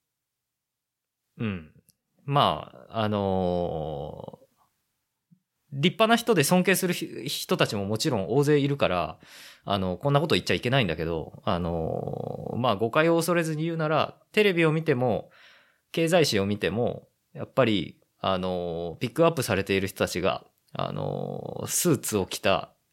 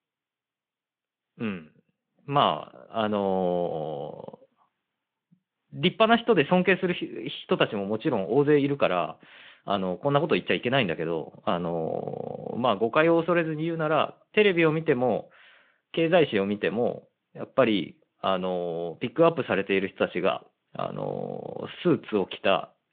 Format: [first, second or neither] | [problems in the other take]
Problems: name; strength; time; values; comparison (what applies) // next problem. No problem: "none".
first | phone-call audio